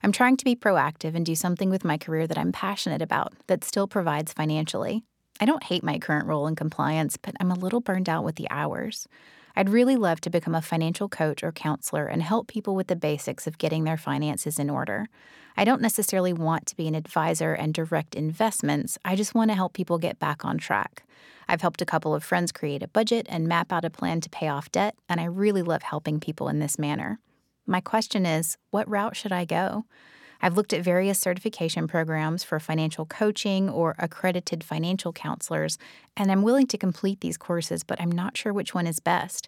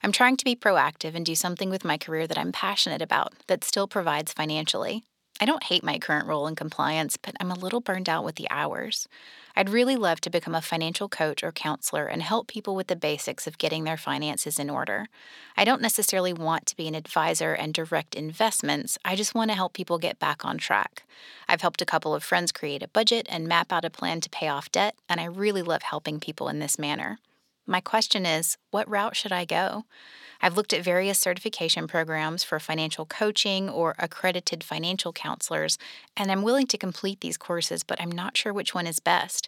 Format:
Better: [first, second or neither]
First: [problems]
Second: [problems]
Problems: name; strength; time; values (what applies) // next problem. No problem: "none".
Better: first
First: none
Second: thin; very slightly; fading below 900 Hz